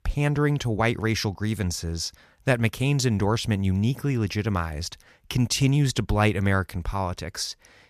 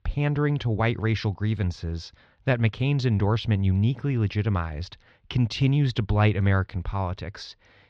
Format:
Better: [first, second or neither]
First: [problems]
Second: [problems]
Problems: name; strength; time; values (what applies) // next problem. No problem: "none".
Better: first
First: none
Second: muffled; slightly; fading above 4 kHz